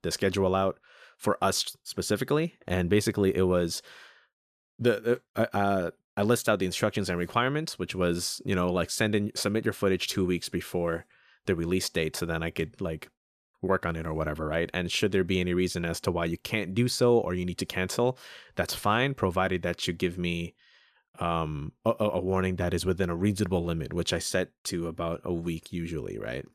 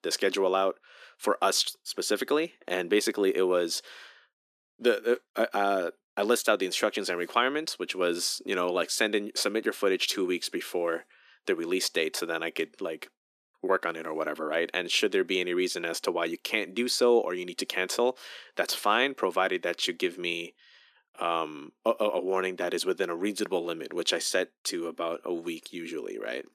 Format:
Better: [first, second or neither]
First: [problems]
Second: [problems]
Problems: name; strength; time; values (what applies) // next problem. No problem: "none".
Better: first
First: none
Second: thin; somewhat; fading below 250 Hz